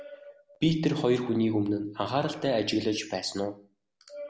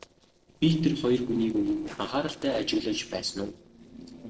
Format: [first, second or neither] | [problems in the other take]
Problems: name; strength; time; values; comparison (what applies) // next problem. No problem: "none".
first | noise reduction (neural separator model SepFormer DNS4)